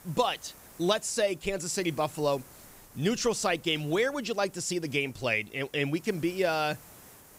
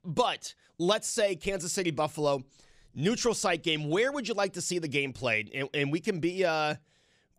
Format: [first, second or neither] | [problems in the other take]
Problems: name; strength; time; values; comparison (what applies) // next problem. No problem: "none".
second | hiss; faint; throughout; 20 dB below the speech